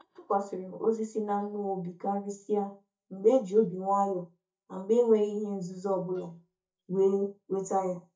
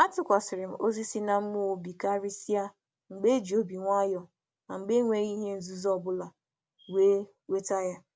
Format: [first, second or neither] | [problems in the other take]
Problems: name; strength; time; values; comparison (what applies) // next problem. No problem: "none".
second | noise reduction (neural mask model DeepFilterNet 3)